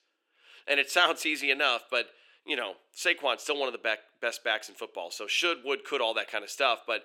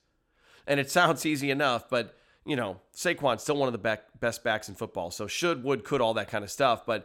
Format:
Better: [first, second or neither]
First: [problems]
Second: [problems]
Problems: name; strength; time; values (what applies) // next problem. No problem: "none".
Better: second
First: thin; somewhat; fading below 350 Hz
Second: none